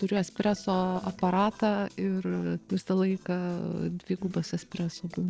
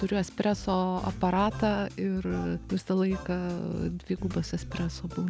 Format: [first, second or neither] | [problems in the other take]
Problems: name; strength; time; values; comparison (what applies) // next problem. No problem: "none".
second | noise reduction (neural separator model SepFormer DNS4)